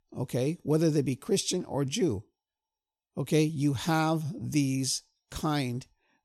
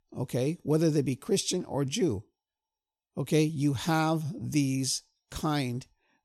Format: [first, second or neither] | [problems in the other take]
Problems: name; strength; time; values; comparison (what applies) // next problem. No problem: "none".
neither | none